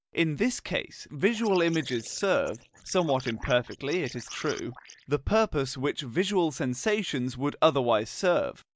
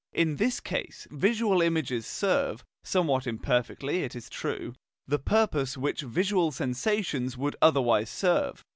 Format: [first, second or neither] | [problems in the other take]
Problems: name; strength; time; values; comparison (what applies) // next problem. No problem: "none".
second | noise reduction (neural mask model Resemble Enhance denoiser)